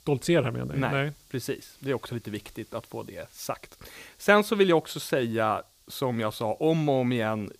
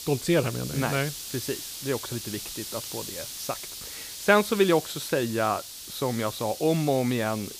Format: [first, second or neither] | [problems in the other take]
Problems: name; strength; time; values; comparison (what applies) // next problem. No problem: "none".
first | hiss; loud; throughout; 9 dB below the speech; faint in the first